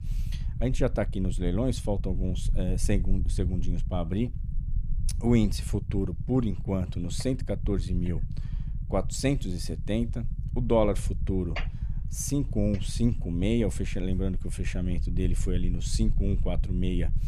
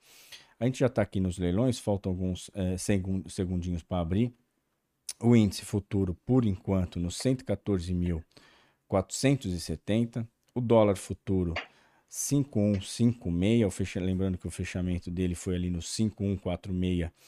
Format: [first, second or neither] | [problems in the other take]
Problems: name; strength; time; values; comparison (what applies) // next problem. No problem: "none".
second | low rumble; noticeable; throughout; 15 dB below the speech